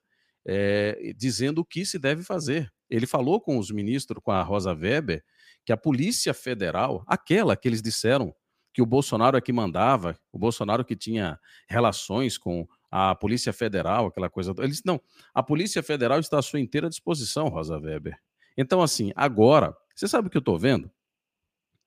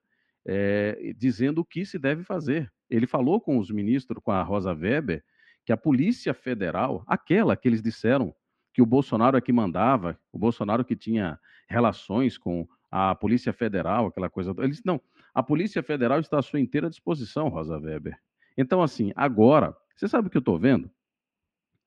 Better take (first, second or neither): first